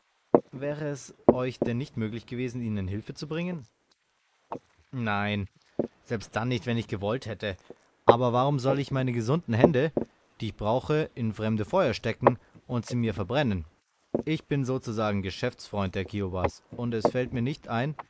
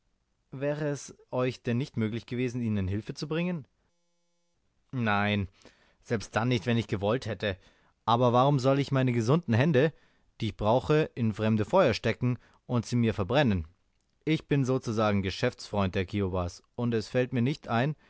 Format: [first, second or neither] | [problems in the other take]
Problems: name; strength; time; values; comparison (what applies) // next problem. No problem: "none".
second | noise reduction (neural mask model Resemble Enhance denoiser)